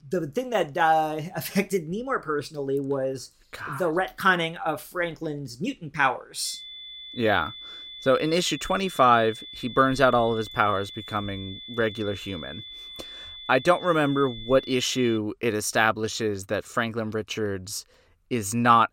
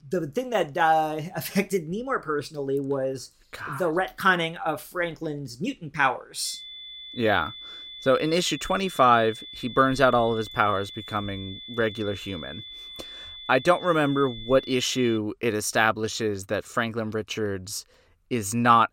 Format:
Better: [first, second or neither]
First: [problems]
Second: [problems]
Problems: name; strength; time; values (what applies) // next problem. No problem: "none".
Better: neither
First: high-pitched whine; noticeable; from 6.5 to 15 s; 3.5 kHz, 15 dB below the speech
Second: high-pitched whine; noticeable; from 6.5 to 15 s; 3.5 kHz, 15 dB below the speech